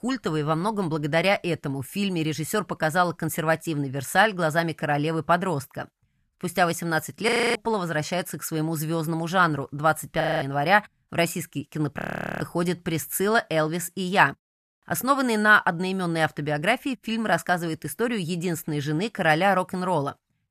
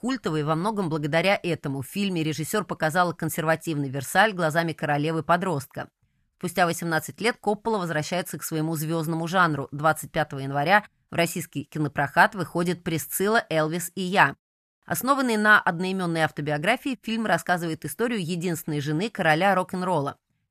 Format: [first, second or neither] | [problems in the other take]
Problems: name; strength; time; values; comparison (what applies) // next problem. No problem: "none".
second | audio freezing; at 7.5 s, at 10 s and at 12 s